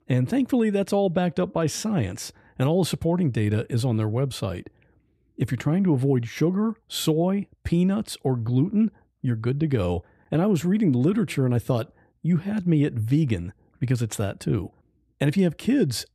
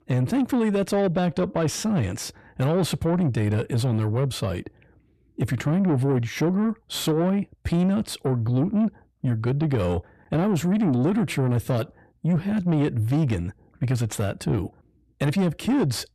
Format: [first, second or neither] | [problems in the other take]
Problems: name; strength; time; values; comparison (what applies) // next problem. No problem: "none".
first | distortion; slight; 10 dB below the speech